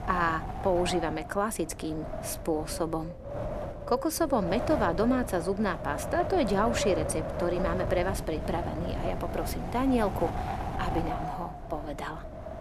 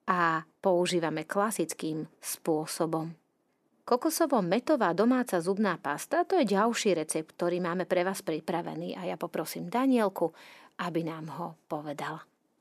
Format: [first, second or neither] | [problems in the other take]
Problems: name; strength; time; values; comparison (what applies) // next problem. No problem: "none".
second | wind noise on the microphone; heavy; 5 dB below the speech